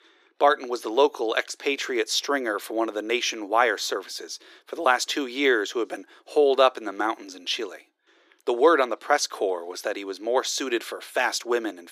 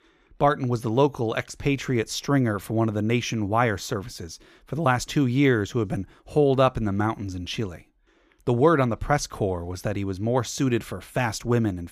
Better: second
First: thin; very; fading below 350 Hz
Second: none

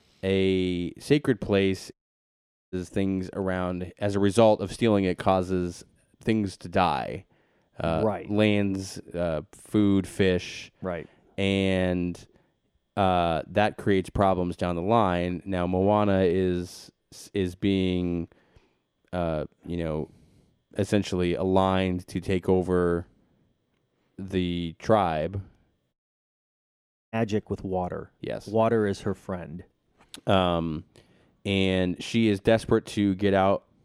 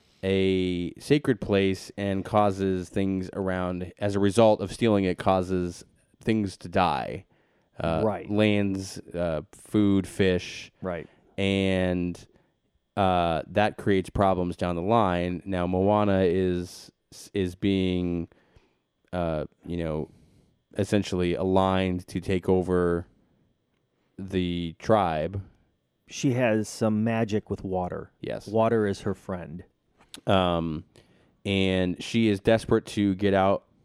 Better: second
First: audio cutting out; at 2 s for 1 s and at 26 s for 1 s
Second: none

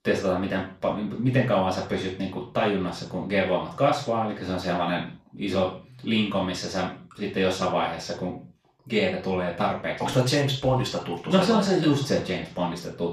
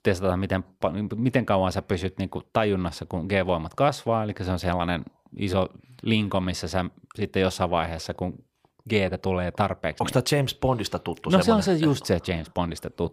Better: second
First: room echo; noticeable; dies away in 0.3 s // off-mic speech; far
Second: none

